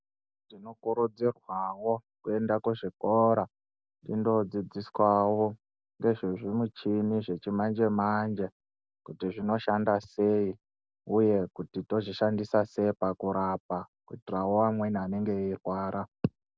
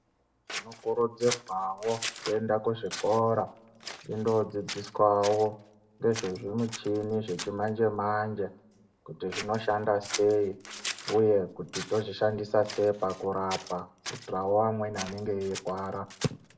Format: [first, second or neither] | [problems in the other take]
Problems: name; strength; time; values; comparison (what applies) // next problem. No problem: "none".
first | background sound (Scissors); 14 dB below the speech // room echo; dies away in 0.4 s